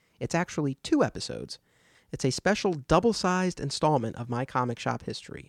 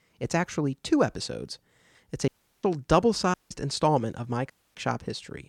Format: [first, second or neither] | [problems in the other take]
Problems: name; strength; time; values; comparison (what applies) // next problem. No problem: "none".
first | audio cutting out; at 2.5 s, at 3.5 s and at 4.5 s